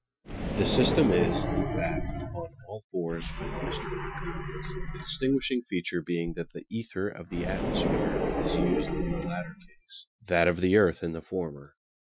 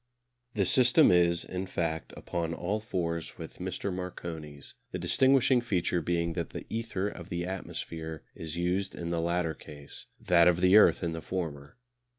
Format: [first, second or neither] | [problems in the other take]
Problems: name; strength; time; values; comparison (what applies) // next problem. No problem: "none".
second | noise reduction (classical method Wiener filter)